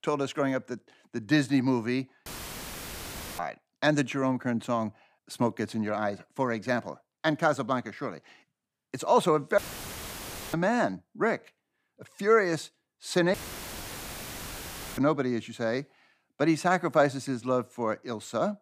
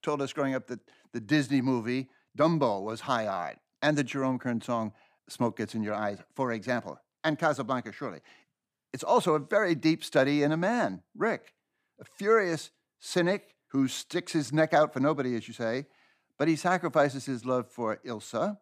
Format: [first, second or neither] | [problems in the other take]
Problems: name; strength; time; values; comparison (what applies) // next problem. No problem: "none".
second | audio cutting out; filled with static; at 2.5 s for 1 s, at 9.5 s for 1 s and at 13 s for 1.5 s